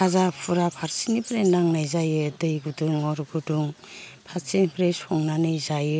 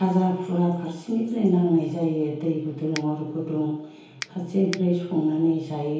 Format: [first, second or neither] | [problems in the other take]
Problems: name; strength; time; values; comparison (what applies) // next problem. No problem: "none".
first | background sound (Finger snapping); 14 dB below the speech // room echo; dies away in 2.2 s